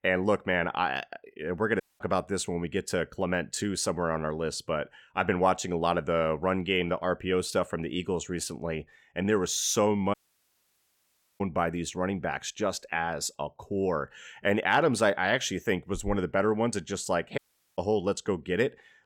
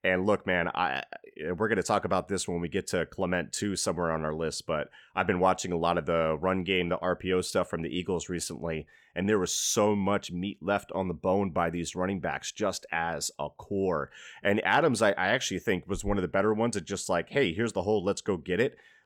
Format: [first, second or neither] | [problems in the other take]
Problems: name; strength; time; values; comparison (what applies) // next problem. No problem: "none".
second | audio cutting out; at 2 s, at 10 s for 1.5 s and at 17 s